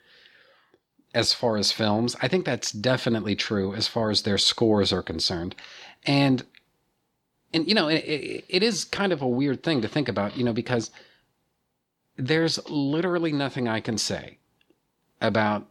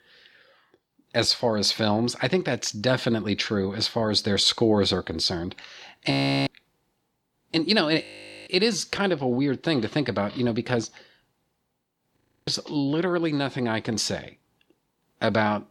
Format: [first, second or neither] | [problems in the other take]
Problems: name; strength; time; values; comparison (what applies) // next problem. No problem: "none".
first | audio freezing; at 6 s, at 8 s and at 12 s